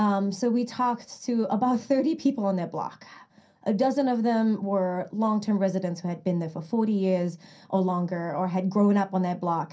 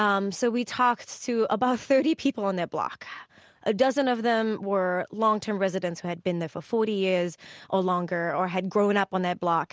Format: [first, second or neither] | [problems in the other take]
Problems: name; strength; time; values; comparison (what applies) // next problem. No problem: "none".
second | room echo; dies away in 0.3 s